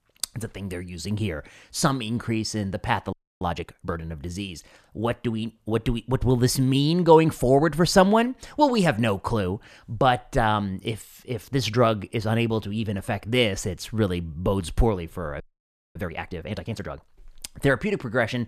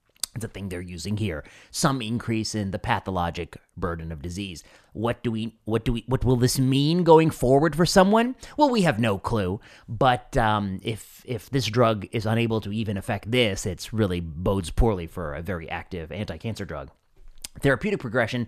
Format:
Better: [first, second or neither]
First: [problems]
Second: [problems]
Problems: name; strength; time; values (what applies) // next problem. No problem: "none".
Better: second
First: audio freezing; at 3 s and at 15 s for 0.5 s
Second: none